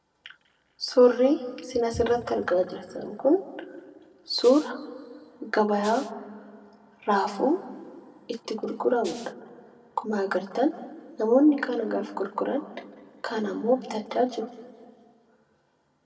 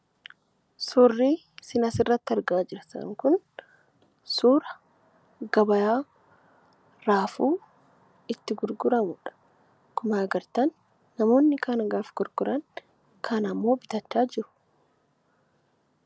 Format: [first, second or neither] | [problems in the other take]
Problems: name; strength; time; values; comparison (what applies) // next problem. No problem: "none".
second | background sound (Rattle (instrument)); 18 dB below the speech // room echo; dies away in 1.3 s